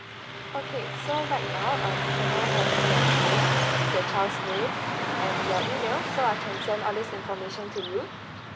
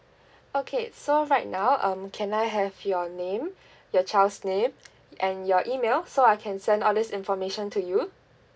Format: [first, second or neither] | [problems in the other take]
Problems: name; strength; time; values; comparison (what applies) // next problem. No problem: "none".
second | background sound (Car passing by); 4 dB above the speech